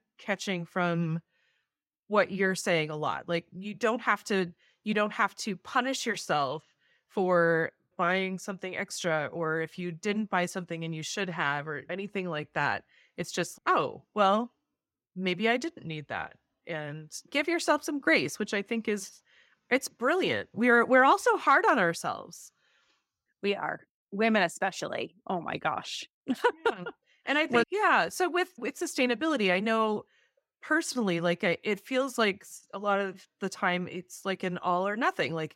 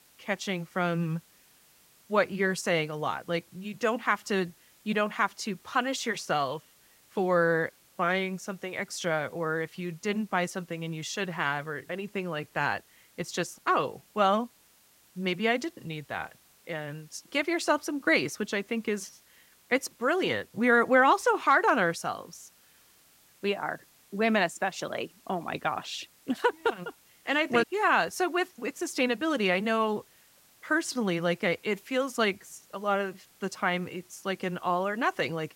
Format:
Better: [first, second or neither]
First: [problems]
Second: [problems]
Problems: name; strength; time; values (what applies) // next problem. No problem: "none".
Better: first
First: none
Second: hiss; faint; throughout; 30 dB below the speech